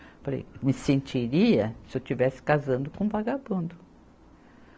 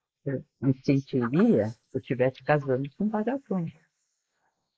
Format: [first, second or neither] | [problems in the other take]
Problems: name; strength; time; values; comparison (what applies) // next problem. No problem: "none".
first | noise reduction (neural mask model Resemble Enhance denoiser)